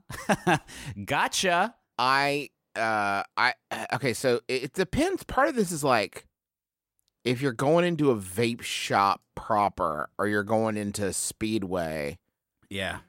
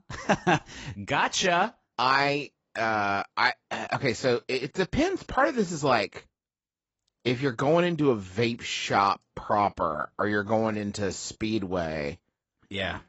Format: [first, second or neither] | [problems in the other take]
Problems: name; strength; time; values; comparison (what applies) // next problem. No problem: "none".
first | garbled, watery; badly; nothing above 7.5 kHz